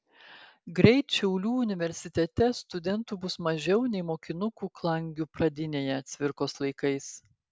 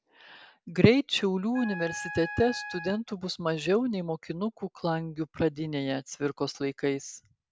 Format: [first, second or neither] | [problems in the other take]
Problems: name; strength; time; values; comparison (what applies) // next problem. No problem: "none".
first | background sound (Wind instrument, woodwind instrument); 11 dB below the speech